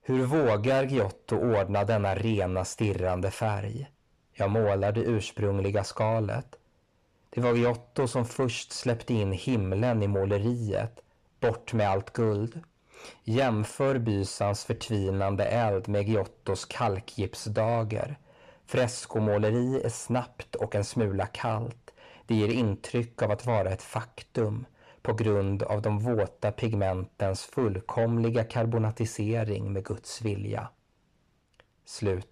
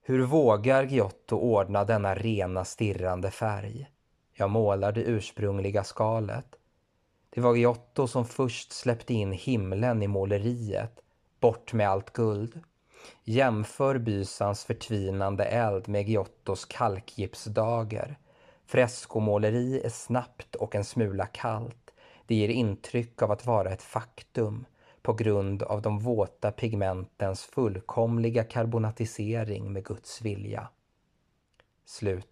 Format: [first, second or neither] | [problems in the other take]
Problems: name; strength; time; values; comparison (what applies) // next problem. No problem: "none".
second | distortion; slight; 10 dB below the speech